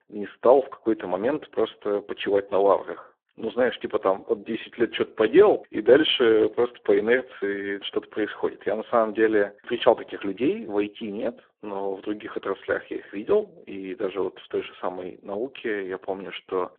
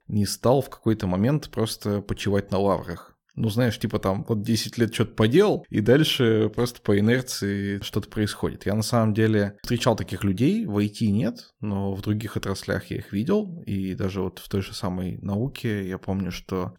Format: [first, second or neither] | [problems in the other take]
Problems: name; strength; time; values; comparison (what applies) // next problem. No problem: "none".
second | phone-call audio; poor line; nothing above 3.5 kHz